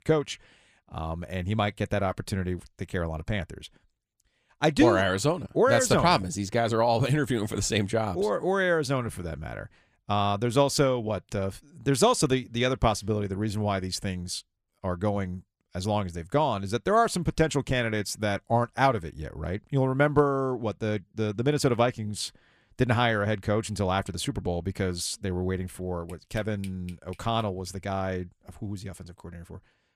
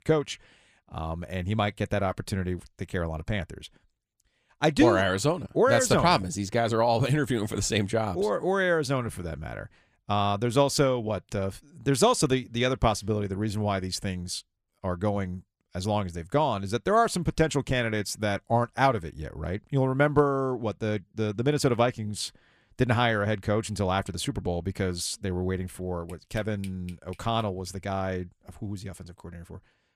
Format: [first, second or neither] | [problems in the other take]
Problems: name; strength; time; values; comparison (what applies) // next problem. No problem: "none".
neither | none